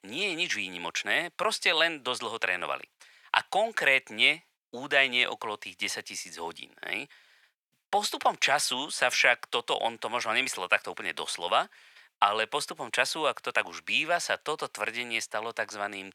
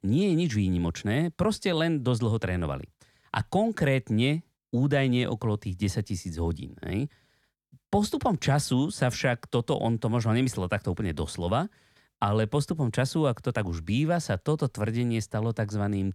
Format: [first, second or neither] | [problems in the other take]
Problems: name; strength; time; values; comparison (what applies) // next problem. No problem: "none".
second | thin; very; fading below 850 Hz